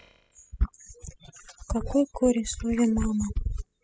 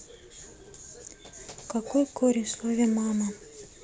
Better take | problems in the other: second | noise reduction (classical method spectral subtraction)

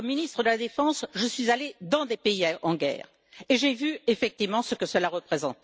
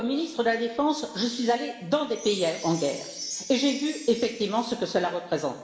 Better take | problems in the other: first | background sound (Chime); 14 dB below the speech // room echo; dies away in 1.1 s

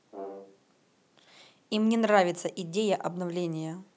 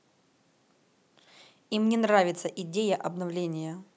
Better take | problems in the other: second | background sound (Brass instrument); 16 dB below the speech

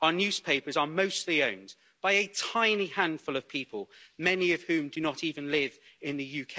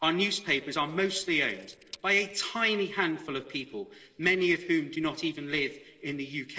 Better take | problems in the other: first | noise reduction (neural separator model SepFormer DNS4)

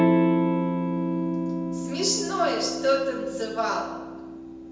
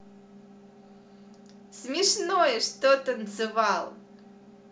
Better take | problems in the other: second | background sound (Electric guitar / Strum); 3 dB above the speech // room echo; dies away in 1 s

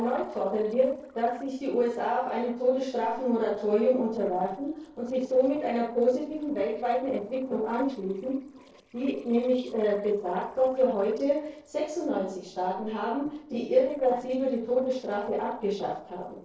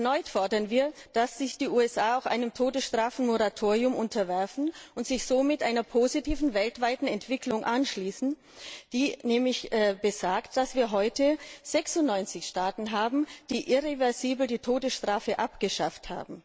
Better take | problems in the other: second | noise reduction (neural separator model SepFormer DNS4)

